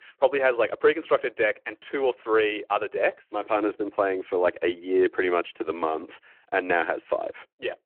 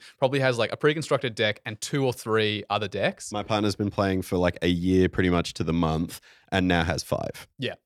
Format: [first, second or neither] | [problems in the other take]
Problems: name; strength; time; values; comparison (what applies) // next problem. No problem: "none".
second | phone-call audio